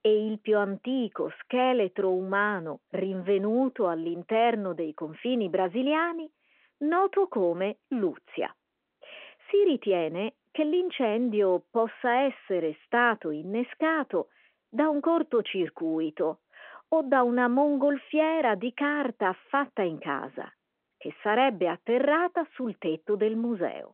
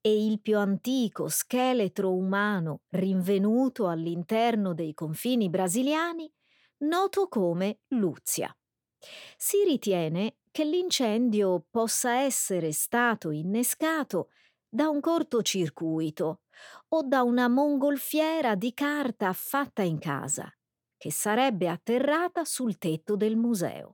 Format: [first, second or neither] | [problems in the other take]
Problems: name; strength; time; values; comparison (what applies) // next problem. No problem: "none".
second | phone-call audio